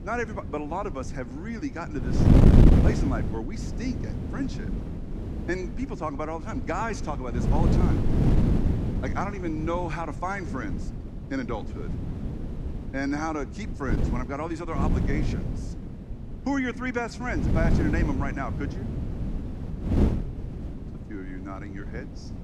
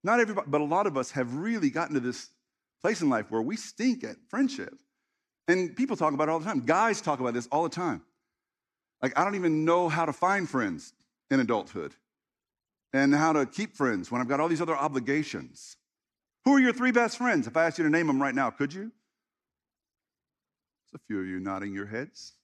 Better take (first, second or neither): second